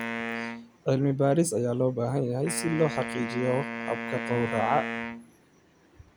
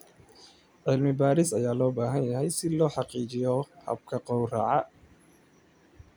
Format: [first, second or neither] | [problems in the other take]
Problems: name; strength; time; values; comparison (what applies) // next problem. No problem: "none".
second | background sound (Wind instrument, woodwind instrument); 8 dB below the speech